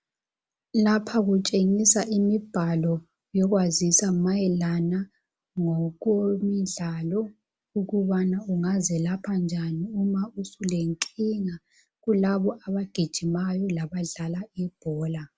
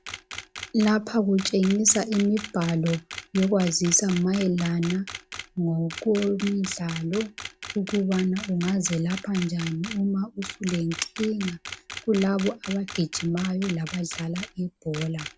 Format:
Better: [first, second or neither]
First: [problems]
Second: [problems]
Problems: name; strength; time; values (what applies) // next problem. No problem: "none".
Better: first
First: none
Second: background sound (Camera); 14 dB below the speech